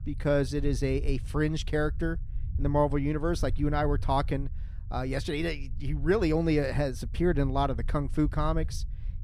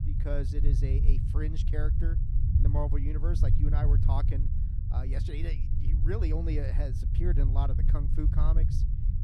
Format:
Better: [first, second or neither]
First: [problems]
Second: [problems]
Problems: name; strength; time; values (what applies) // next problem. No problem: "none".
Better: first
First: low rumble; faint; throughout; 25 dB below the speech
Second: low rumble; loud; throughout; 4 dB below the speech